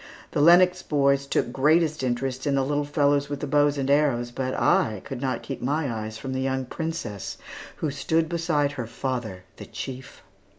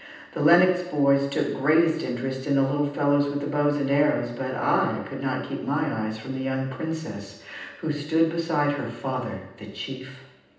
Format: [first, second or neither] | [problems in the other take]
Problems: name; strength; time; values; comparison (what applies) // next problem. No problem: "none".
first | room echo; dies away in 0.9 s